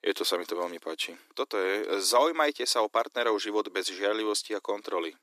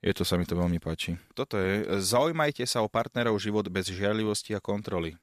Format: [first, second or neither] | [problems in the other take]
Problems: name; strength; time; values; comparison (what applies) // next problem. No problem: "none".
second | thin; very; fading below 300 Hz